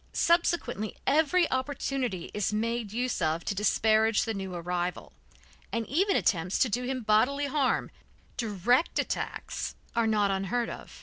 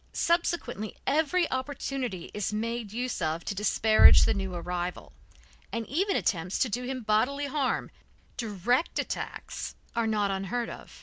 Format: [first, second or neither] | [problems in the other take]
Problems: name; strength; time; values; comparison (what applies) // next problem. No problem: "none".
first | background sound (Bass drum); 1 dB above the speech